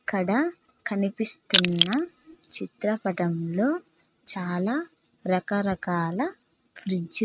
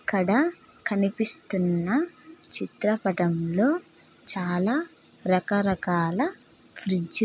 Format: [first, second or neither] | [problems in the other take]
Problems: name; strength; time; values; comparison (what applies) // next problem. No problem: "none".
second | noise reduction (neural mask model RNNoise)